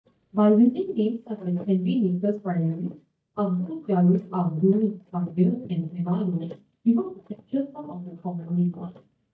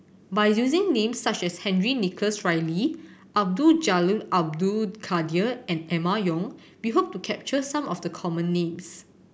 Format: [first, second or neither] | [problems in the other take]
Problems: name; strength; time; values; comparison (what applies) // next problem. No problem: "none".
second | noise reduction (neural mask model DeepFilterNet 3)